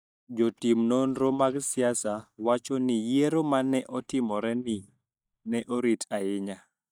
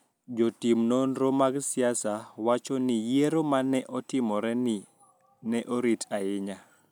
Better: second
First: noise reduction (neural mask model DeepFilterNet 3)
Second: none

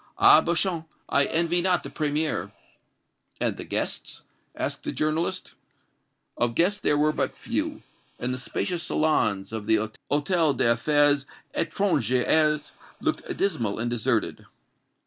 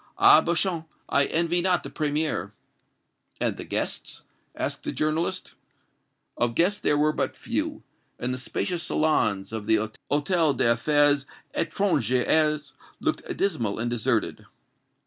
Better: second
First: noise reduction (neural mask model Resemble Enhance denoiser)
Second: none

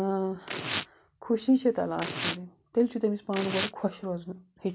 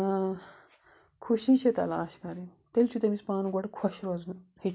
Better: second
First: background sound (Tearing); 8 dB below the speech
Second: none

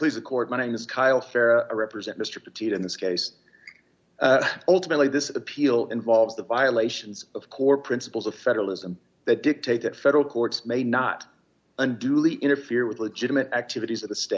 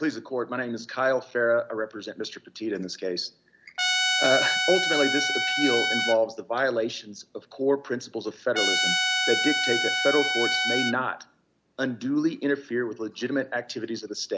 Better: first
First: none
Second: background sound (Trumpet); 2 dB above the speech

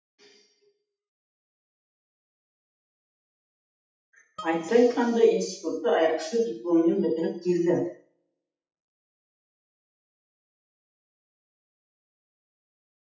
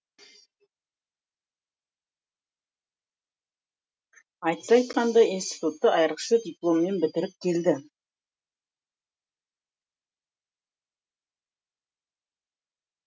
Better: second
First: noise reduction (classical method WPE with log-MMSE)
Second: none

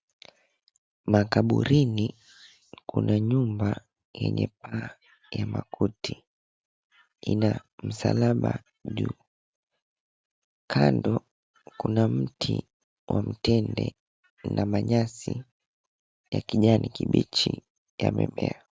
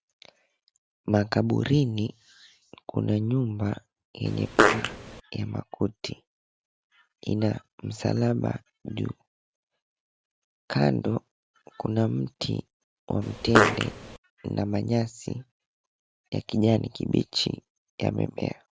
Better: first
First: none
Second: background sound (Fart); 4 dB above the speech

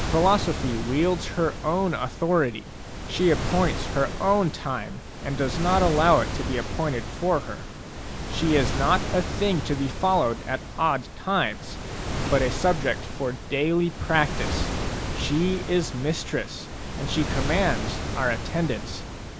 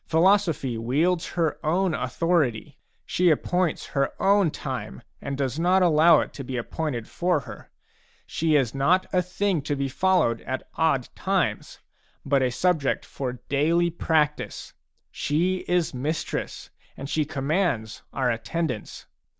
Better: second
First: background sound (Waves, surf); 5 dB below the speech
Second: none

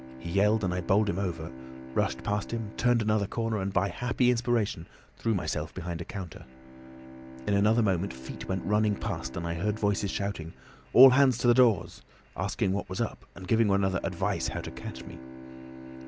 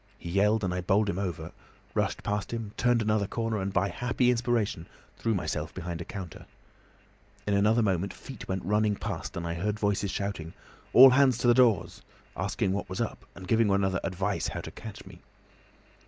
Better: second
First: background sound (Bowed string instrument); 17 dB below the speech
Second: none

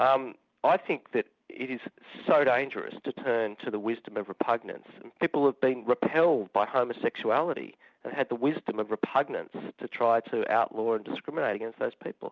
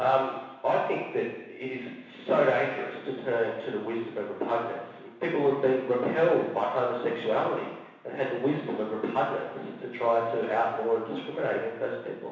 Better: first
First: none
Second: room echo; dies away in 1.1 s

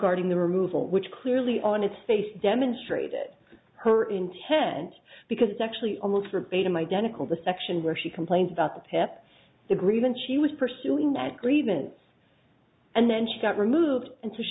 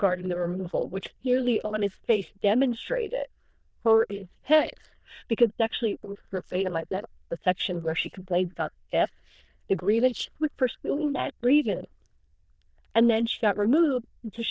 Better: first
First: none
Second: noise reduction (neural diffusion model UNIVERSE++)

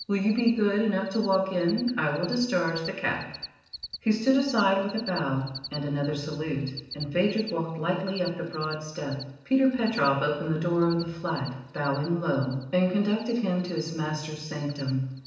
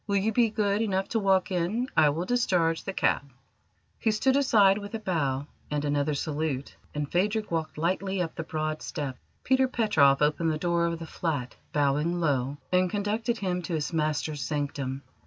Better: second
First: background sound (Cricket); 17 dB below the speech // room echo; dies away in 0.8 s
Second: none

